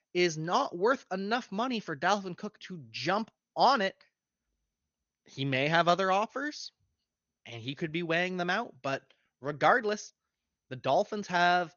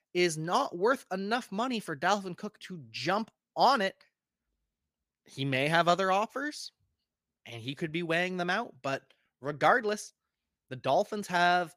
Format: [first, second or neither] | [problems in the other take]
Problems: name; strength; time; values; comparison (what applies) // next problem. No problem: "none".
second | garbled, watery; slightly; nothing above 6.5 kHz